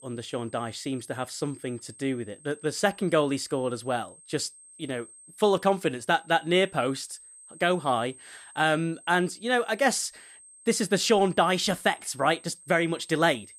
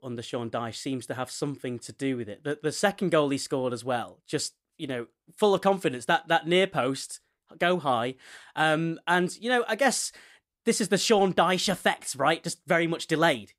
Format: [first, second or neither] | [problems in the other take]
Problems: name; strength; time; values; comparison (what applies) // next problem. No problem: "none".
second | high-pitched whine; faint; throughout; 8.5 kHz, 20 dB below the speech